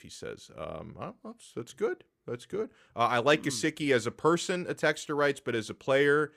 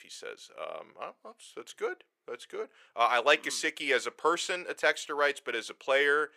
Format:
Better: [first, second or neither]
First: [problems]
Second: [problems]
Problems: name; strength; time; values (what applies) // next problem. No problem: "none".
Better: first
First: none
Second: thin; very; fading below 600 Hz